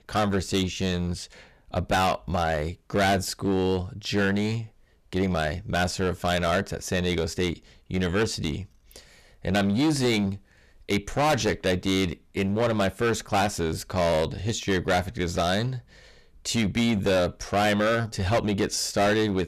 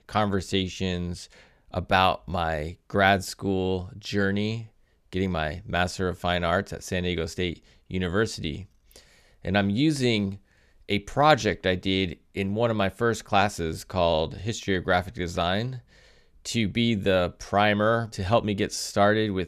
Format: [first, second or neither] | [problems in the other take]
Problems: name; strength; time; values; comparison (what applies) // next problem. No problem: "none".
second | distortion; heavy; 11% of the sound clipped